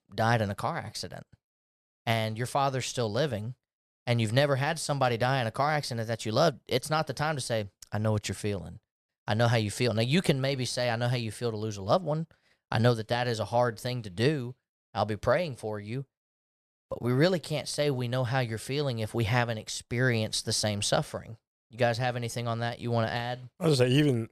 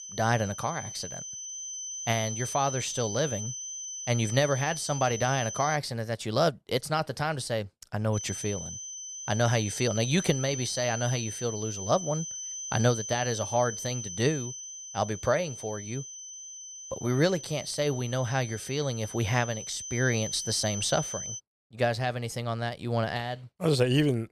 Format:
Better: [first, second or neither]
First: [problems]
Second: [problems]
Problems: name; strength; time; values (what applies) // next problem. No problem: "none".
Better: first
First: none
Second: high-pitched whine; loud; until 6 s and from 8 to 21 s; 6 kHz, 7 dB below the speech